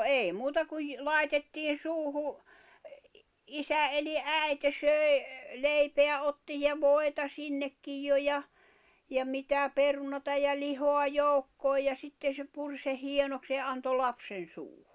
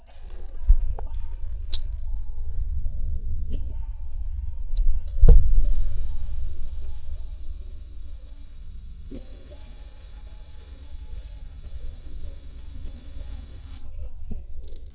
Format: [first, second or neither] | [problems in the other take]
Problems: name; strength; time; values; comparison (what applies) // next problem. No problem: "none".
first | noise reduction (neural mask model DeepFilterNet 3)